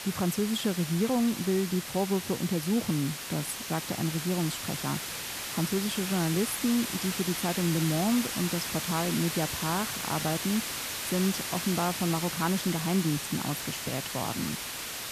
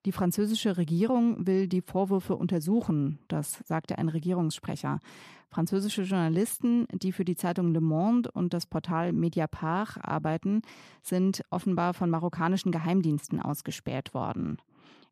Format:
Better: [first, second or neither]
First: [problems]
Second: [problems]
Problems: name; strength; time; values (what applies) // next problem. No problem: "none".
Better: second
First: hiss; loud; throughout; 3 dB below the speech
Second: none